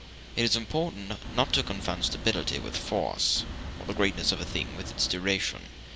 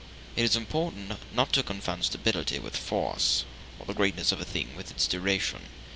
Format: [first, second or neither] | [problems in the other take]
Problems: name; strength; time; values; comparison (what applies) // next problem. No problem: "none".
second | background sound (Wind); 9 dB below the speech